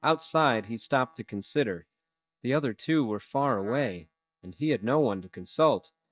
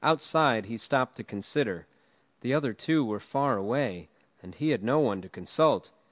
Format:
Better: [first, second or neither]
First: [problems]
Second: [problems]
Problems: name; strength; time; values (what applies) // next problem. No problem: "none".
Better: second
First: noise reduction (neural mask model DeepFilterNet 3)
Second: none